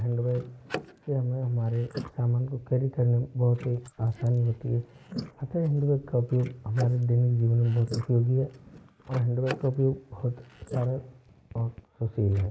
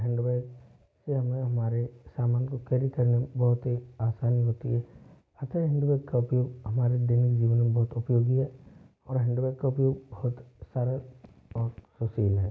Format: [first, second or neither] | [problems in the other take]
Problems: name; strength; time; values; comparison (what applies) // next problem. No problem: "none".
second | noise reduction (neural mask model Resemble Enhance denoiser)